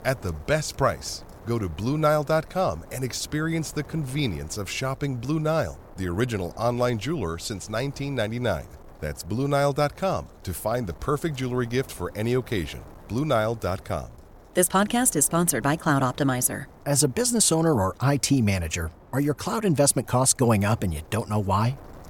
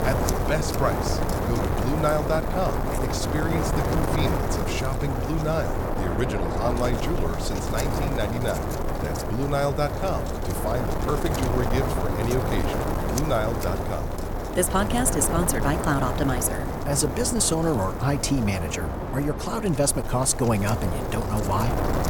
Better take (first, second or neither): first